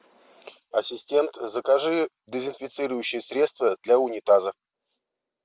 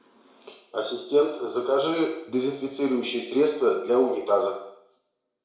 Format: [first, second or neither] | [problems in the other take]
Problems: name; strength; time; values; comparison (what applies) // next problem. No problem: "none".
first | room echo; dies away in 0.6 s